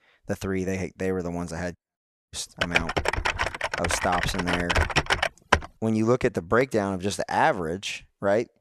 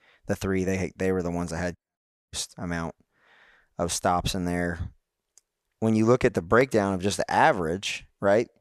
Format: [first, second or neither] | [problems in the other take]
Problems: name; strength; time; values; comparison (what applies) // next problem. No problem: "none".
second | keyboard typing; loud; from 2.5 to 5.5 s; peak 4 dB above the speech